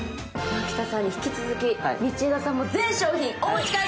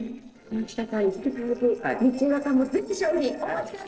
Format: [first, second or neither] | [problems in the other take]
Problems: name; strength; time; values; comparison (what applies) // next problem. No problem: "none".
first | noise reduction (neural separator model SepFormer DNS4)